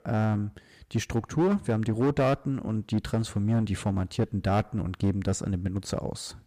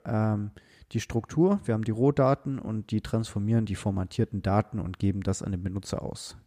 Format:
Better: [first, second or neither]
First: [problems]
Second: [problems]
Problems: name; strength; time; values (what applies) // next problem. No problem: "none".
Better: second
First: distortion; slight; 6% of the sound clipped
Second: none